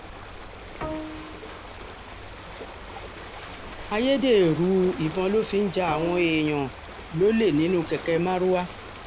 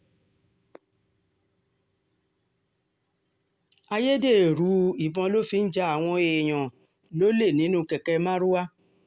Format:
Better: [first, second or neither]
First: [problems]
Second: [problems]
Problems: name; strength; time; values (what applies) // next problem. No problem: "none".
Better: second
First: background sound (Ocean + Bowed string instrument); 12 dB below the speech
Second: none